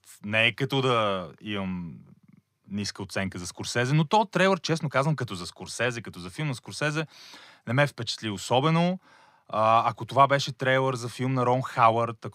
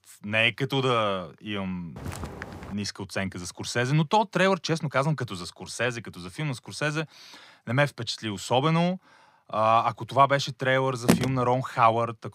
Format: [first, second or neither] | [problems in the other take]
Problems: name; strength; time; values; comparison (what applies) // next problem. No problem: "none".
first | footsteps; faint; at 2 s; peak 10 dB below the speech // phone ringing; loud; at 11 s; peak 1 dB above the speech